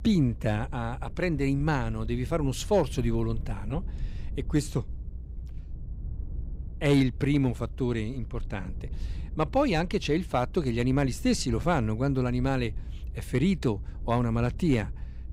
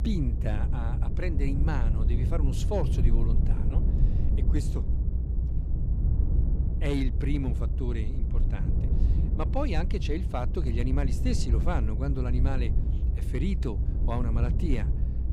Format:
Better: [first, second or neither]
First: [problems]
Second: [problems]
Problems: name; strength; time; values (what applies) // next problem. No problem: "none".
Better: first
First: low rumble; faint; throughout; 25 dB below the speech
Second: low rumble; loud; throughout; 6 dB below the speech